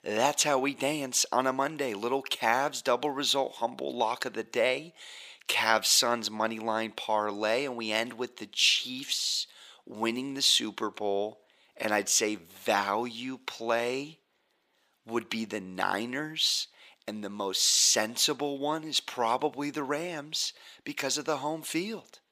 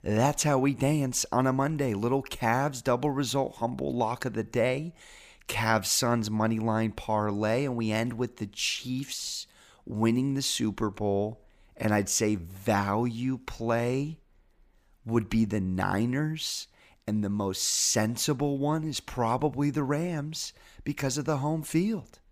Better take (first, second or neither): second